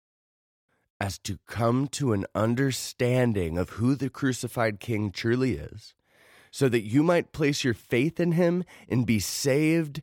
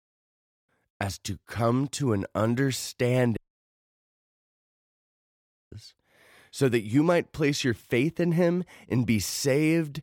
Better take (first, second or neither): first